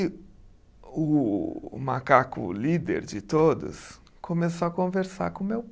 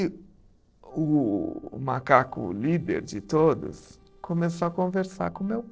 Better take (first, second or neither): first